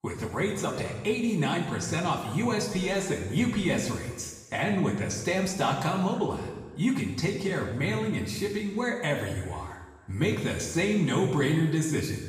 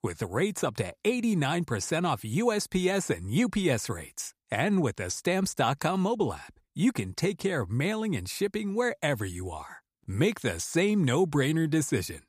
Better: second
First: room echo; noticeable; dies away in 1.1 s // off-mic speech; far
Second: none

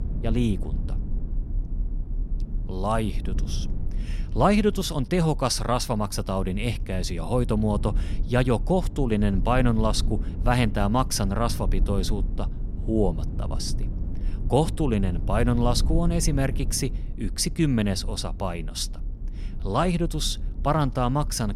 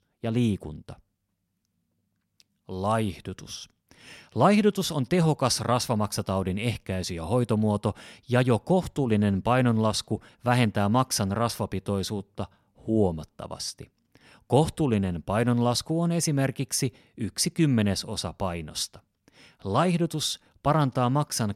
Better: second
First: low rumble; noticeable; throughout; 20 dB below the speech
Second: none

